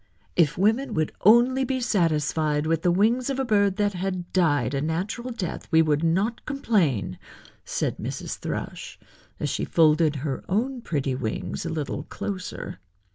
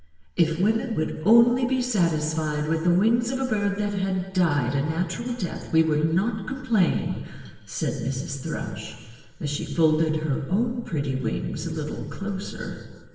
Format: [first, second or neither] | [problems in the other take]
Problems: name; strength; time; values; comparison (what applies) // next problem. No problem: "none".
first | room echo; dies away in 1.4 s